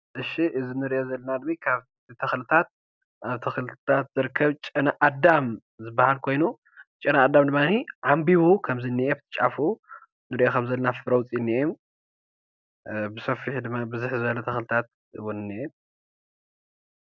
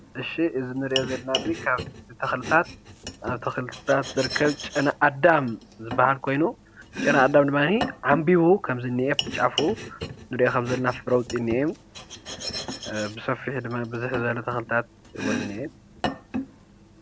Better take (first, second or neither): first